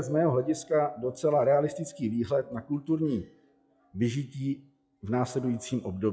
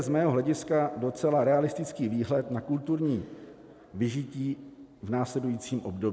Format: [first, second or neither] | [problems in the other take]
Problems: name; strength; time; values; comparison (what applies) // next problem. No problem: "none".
second | noise reduction (classical method log-MMSE)